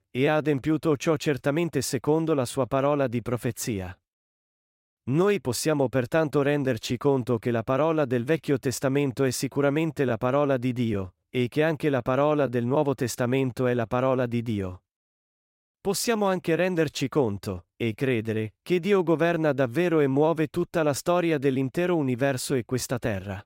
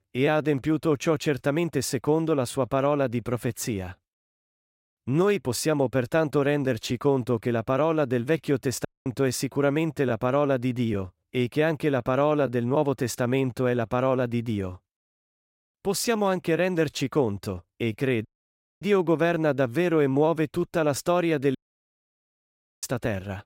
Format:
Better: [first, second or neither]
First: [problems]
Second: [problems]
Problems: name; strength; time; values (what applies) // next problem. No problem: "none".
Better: first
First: none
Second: audio cutting out; at 9 s, at 18 s for 0.5 s and at 22 s for 1.5 s